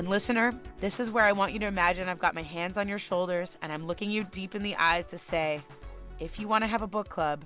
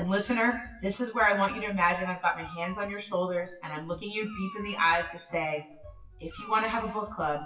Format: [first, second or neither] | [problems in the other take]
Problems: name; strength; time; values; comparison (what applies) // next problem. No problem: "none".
first | noise reduction (classical method WPE with log-MMSE)